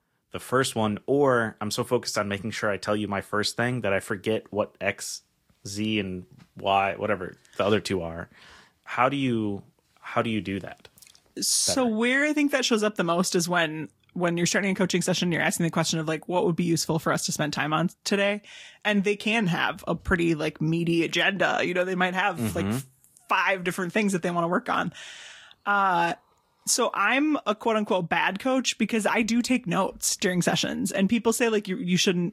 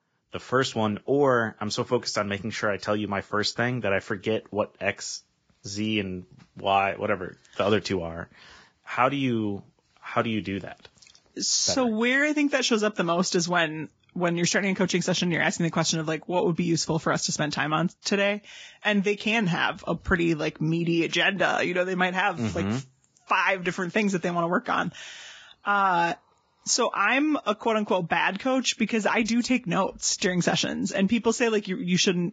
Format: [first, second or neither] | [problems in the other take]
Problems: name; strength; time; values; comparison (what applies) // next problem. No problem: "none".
first | garbled, watery; badly; nothing above 7.5 kHz; slightly in the first